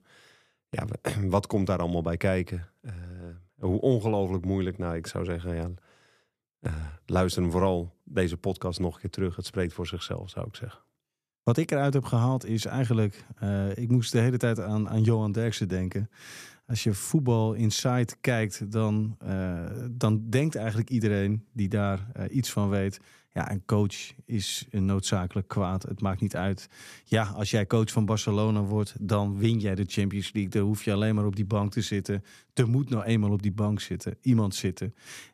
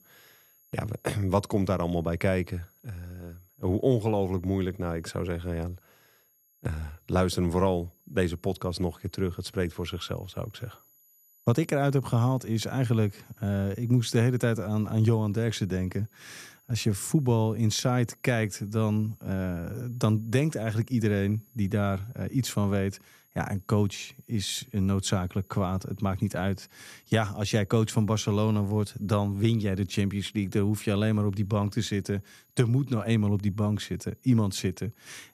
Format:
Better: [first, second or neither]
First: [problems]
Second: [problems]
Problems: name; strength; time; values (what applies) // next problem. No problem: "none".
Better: first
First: none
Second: high-pitched whine; faint; throughout; 11.5 kHz, 30 dB below the speech